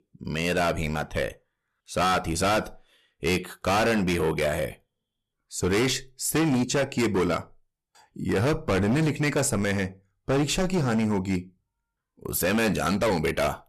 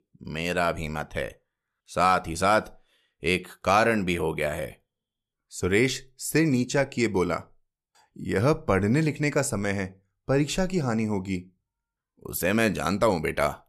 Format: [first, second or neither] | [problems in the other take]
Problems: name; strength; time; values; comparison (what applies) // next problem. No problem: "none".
second | distortion; heavy; 14% of the sound clipped